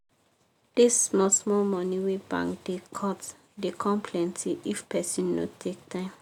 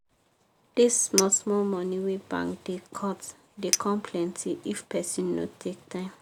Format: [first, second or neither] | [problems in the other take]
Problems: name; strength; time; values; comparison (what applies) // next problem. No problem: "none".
first | background sound (Chink, clink); 8 dB below the speech